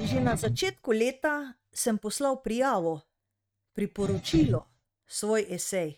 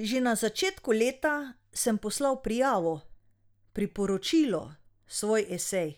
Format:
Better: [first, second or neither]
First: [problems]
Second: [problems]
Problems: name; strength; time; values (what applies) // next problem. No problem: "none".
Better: second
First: noise reduction (neural mask model RNNoise)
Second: none